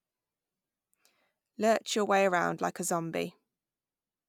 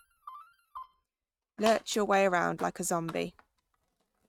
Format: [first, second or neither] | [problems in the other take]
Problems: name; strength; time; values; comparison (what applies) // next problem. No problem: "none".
first | noise reduction (neural mask model RNNoise)